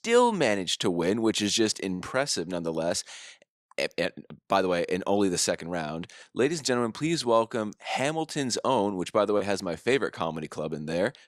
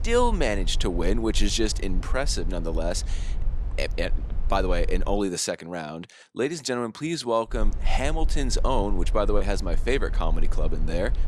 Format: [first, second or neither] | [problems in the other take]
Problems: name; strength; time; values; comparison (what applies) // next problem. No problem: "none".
first | low rumble; faint; until 5 s and from 7.5 s on; 20 dB below the speech